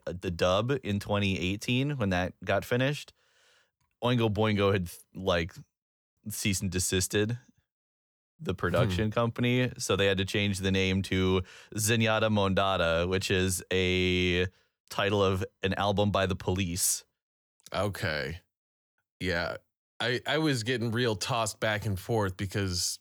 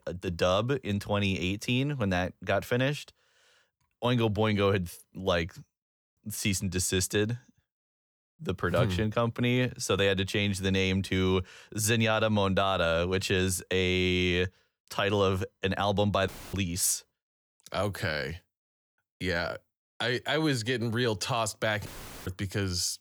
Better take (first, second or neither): first